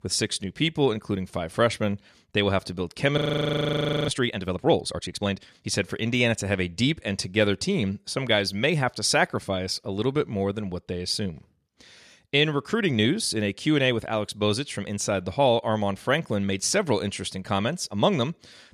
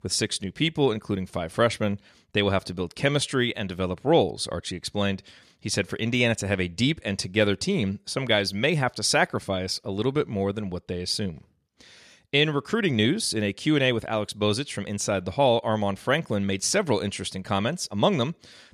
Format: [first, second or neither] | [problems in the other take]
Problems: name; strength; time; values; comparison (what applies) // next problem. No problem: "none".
second | audio freezing; at 3 s for 1 s